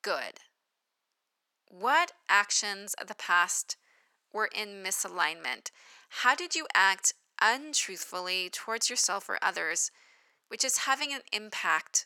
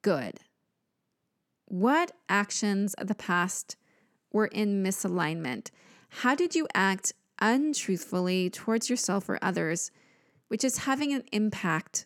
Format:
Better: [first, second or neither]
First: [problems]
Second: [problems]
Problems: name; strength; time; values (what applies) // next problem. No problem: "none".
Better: second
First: thin; very; fading below 950 Hz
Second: none